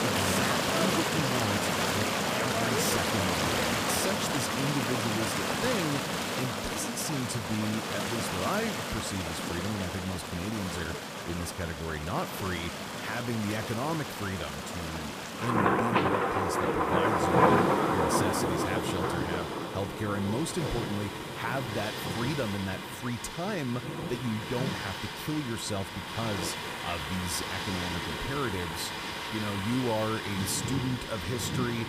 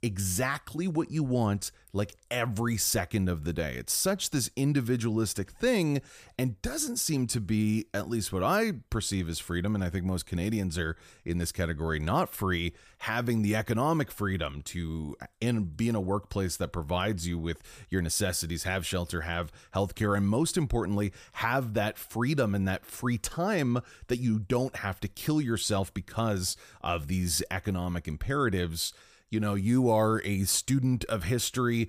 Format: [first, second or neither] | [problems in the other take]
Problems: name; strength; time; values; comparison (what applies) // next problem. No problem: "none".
second | rain or running water; very loud; throughout; 4 dB above the speech